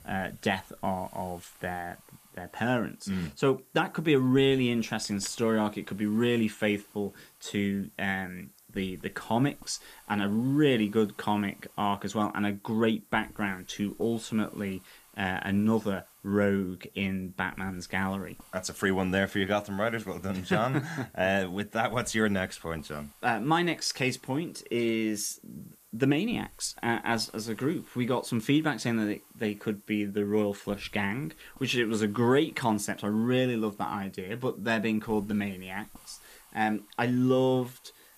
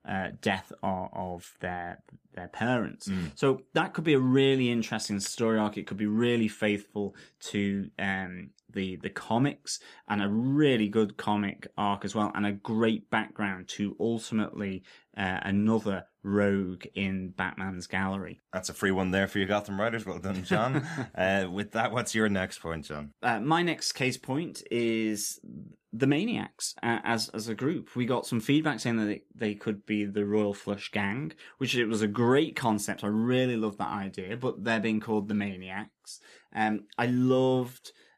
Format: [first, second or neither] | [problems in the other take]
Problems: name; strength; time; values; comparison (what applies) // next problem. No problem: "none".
second | hiss; faint; throughout; 25 dB below the speech